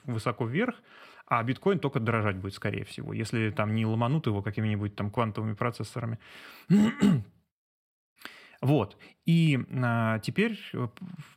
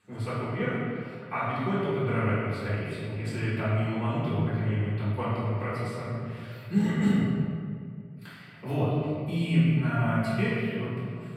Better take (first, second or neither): first